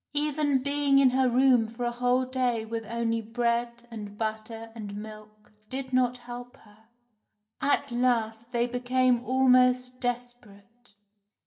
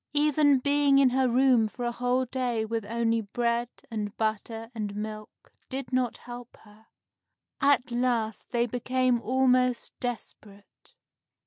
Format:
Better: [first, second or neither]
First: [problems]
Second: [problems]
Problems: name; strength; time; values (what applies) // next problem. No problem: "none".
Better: second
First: room echo; dies away in 0.7 s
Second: none